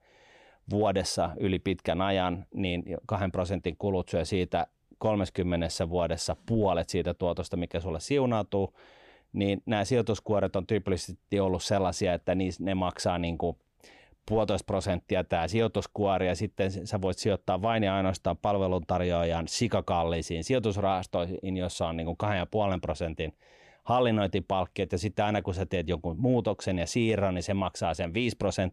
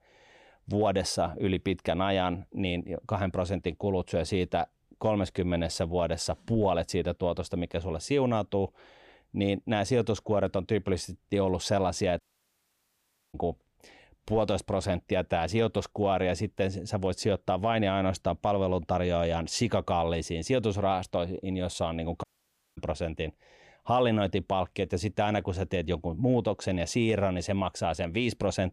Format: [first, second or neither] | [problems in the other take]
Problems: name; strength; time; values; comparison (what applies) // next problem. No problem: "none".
first | audio cutting out; at 12 s for 1 s and at 22 s for 0.5 s